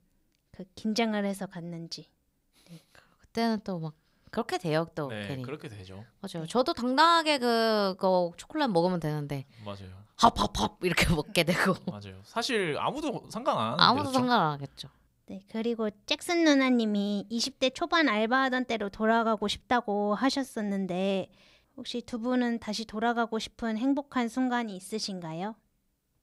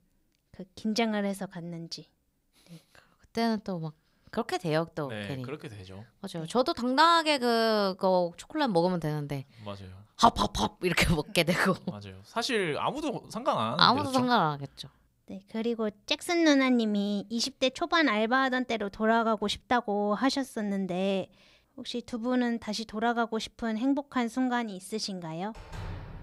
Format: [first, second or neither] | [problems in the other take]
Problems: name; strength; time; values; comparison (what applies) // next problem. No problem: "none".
first | door banging; faint; at 26 s; peak 15 dB below the speech